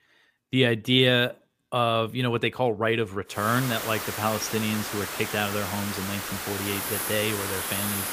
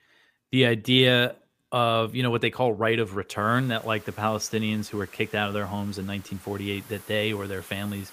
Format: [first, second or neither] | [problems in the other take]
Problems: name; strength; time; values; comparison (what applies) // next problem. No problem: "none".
second | hiss; loud; from 3.5 s on; 4 dB below the speech; faint in the second